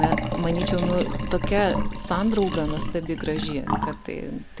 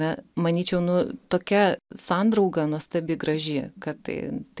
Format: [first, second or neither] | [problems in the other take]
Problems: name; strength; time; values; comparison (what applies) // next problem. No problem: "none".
second | background sound (Liquid + Engine); 1 dB below the speech